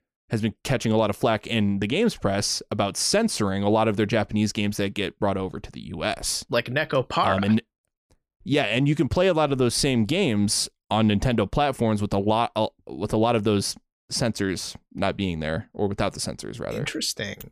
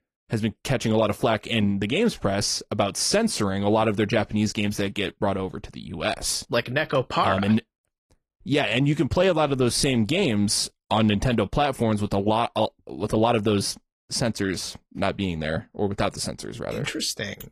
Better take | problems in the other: first | garbled, watery; slightly

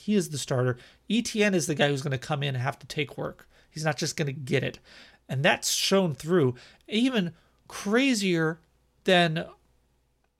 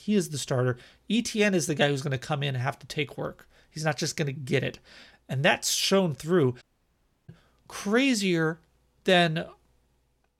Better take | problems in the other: first | audio cutting out; at 6.5 s for 0.5 s

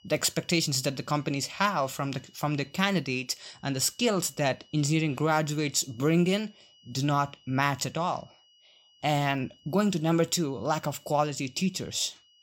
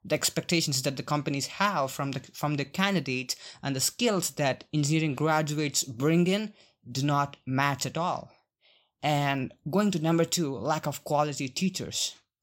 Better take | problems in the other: second | high-pitched whine; faint; throughout; 3 kHz, 30 dB below the speech

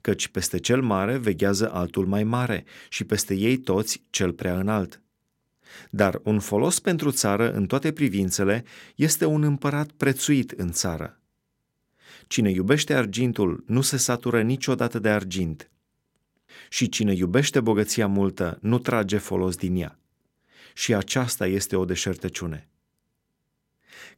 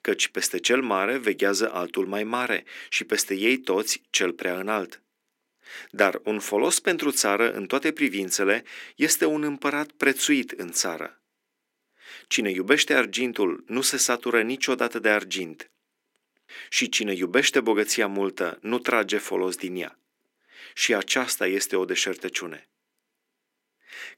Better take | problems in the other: first | thin; somewhat; fading below 300 Hz

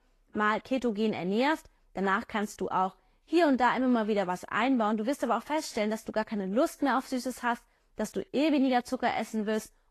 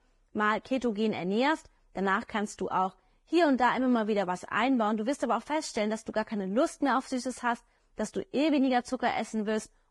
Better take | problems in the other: first | garbled, watery; badly; nothing above 10.5 kHz; slightly in the first

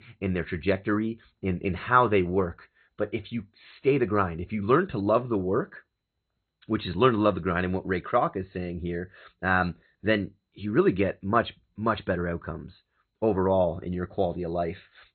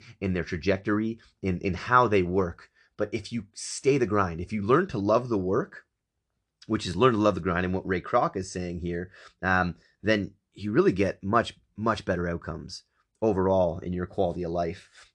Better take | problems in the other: second | garbled, watery; badly; nothing above 4 kHz

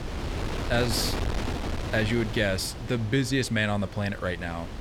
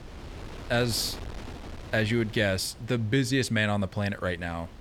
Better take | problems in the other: second | wind noise on the microphone; heavy; 8 dB below the speech; occasional gusts in the second

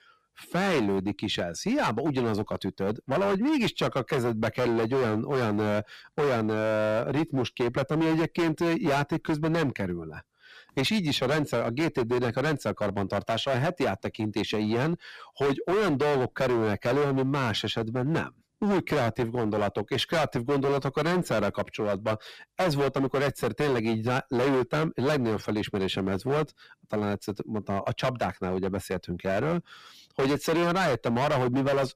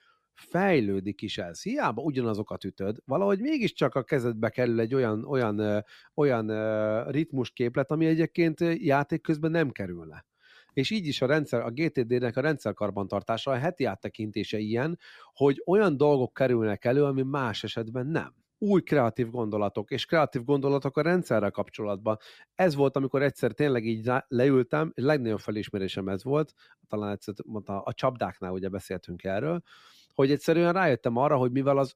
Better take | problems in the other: second | distortion; heavy; 19% of the sound clipped

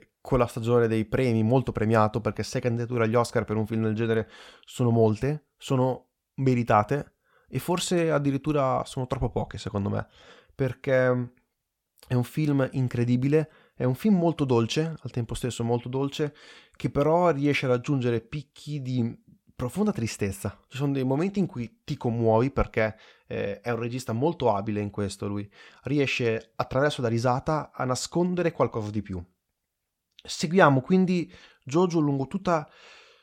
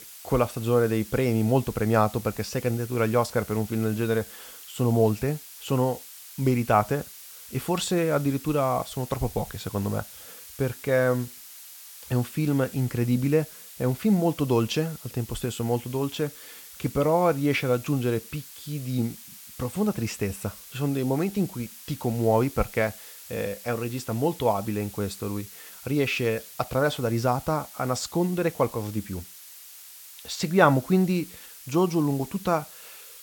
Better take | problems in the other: first | hiss; noticeable; throughout; 15 dB below the speech

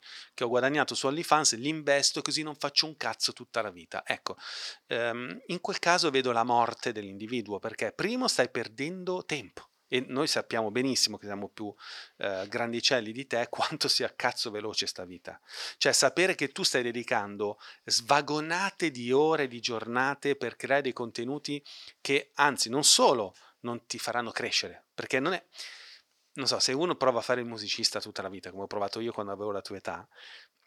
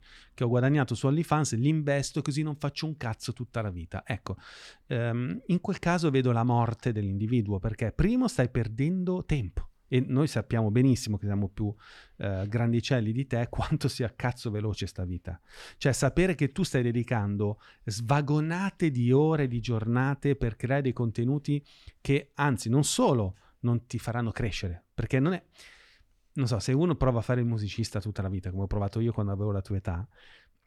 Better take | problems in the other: second | thin; very; fading below 500 Hz

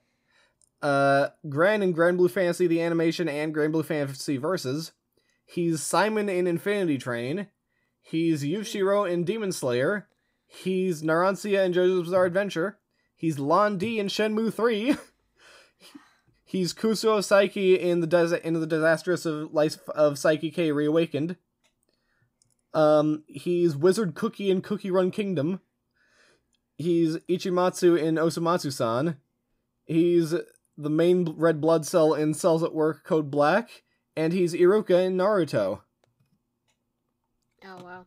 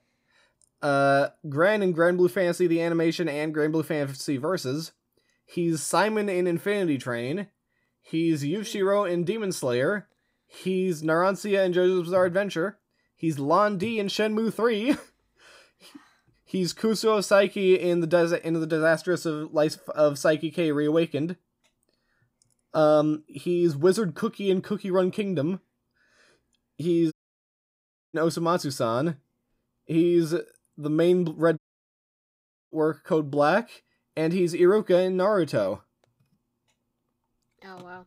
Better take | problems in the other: first | audio cutting out; at 27 s for 1 s and at 32 s for 1 s

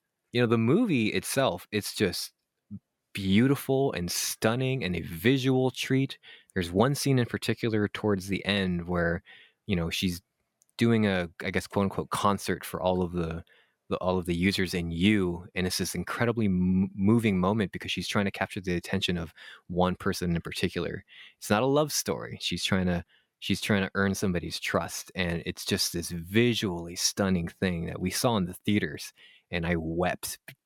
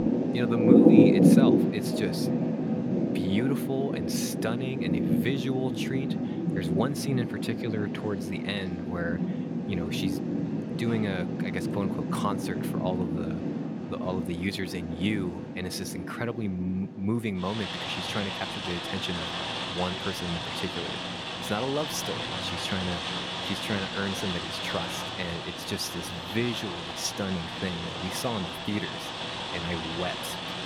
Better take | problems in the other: first | rain or running water; very loud; throughout; 4 dB above the speech

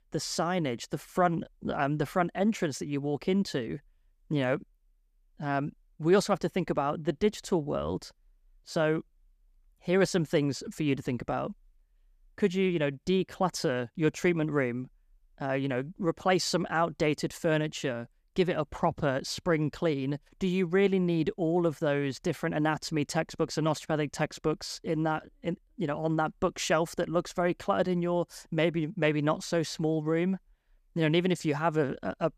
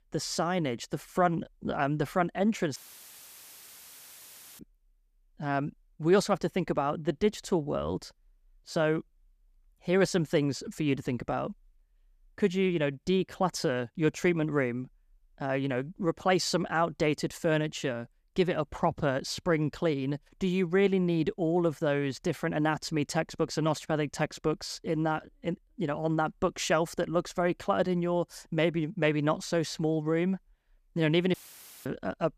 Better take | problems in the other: first | audio cutting out; filled with static; at 3 s for 2 s and at 31 s for 0.5 s

